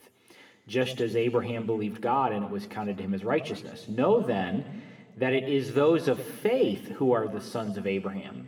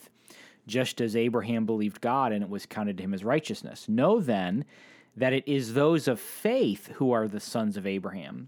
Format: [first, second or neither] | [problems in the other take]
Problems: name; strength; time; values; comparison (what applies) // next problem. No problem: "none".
second | room echo; slight; dies away in 1.6 s